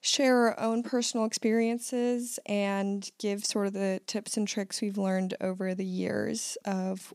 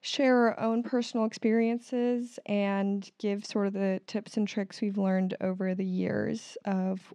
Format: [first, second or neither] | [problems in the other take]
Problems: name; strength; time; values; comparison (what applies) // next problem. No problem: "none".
first | muffled; slightly; fading above 3 kHz